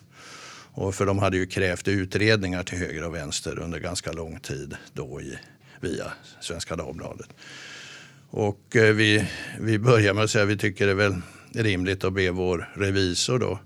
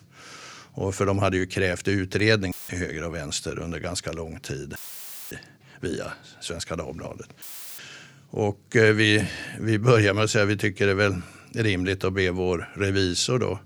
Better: first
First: none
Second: audio cutting out; filled with static; at 2.5 s, at 5 s for 0.5 s and at 7.5 s

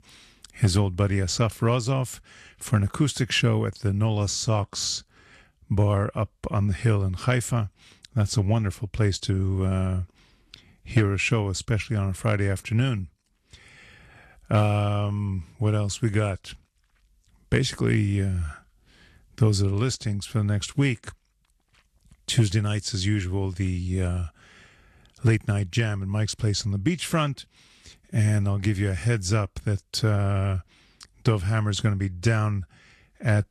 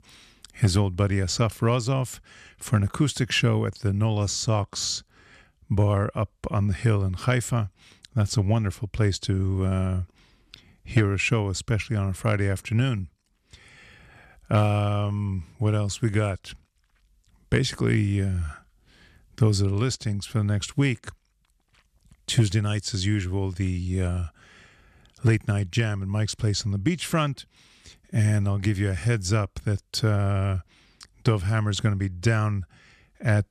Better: second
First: garbled, watery; slightly; nothing above 12.5 kHz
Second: none

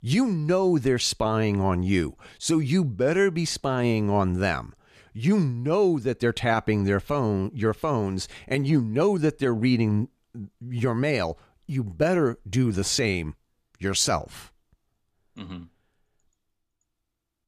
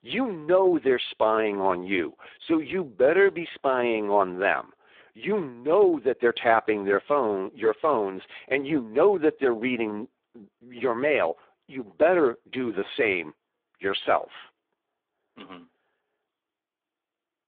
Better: first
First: none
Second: phone-call audio; poor line

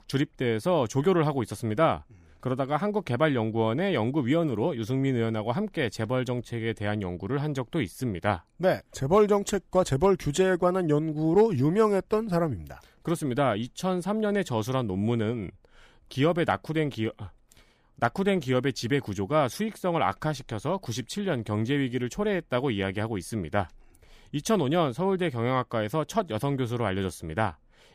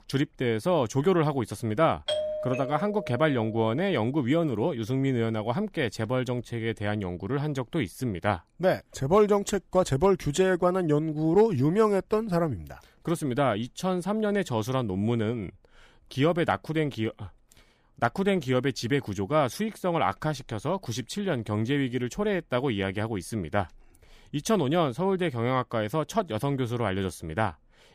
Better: first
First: none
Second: doorbell; noticeable; from 2 to 3.5 s; peak 2 dB below the speech

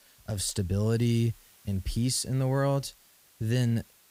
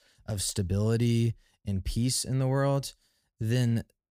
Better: second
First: hiss; faint; throughout; 25 dB below the speech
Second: none

